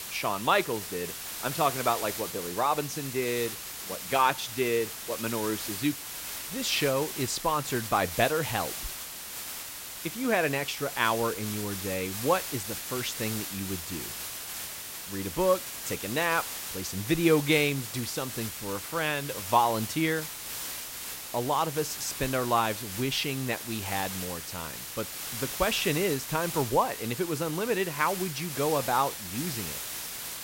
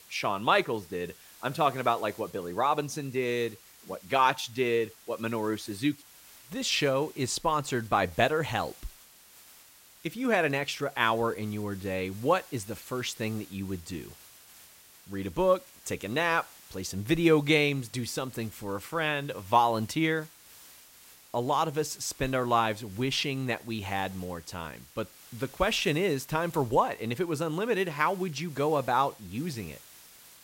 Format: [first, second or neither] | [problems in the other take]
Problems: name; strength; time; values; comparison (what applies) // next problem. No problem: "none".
second | hiss; loud; throughout; 6 dB below the speech; faint in the second